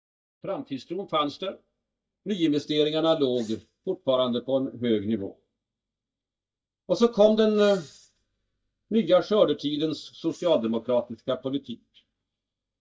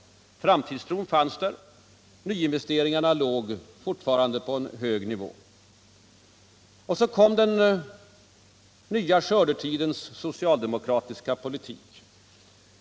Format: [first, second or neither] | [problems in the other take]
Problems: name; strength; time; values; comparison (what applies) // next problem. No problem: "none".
second | noise reduction (neural mask model DeepFilterNet 3)